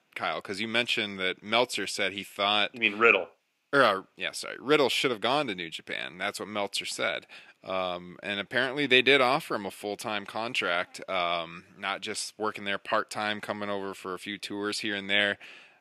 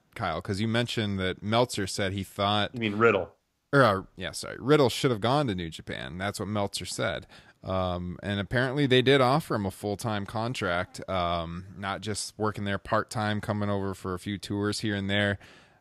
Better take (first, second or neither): second